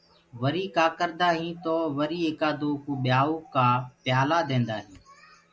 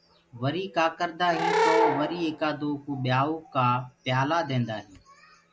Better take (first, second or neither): first